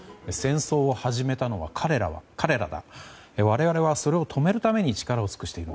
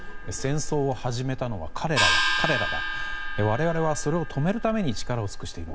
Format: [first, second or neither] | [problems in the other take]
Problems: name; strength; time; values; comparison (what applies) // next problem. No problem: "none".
first | background sound (Gong); 1 dB below the speech